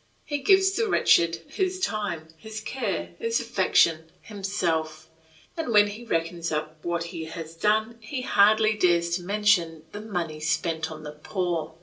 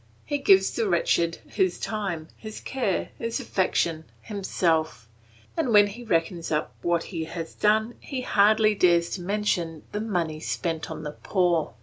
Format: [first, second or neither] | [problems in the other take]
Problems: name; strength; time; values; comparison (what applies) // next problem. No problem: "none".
second | room echo; dies away in 0.2 s